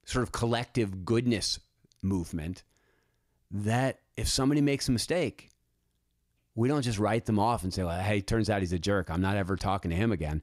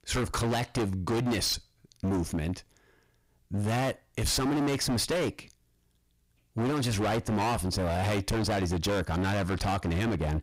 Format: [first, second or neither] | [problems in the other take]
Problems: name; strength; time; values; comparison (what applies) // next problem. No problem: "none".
first | distortion; heavy; 27% of the sound clipped